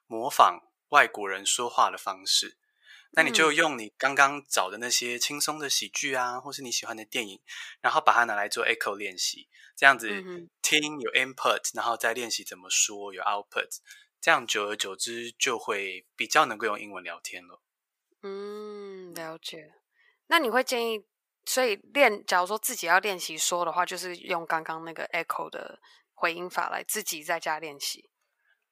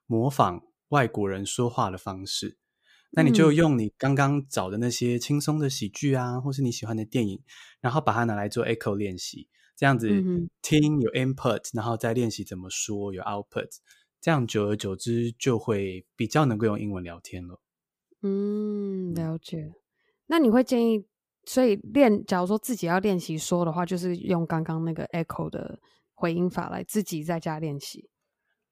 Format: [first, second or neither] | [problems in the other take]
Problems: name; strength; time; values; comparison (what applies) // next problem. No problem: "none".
second | thin; very; fading below 850 Hz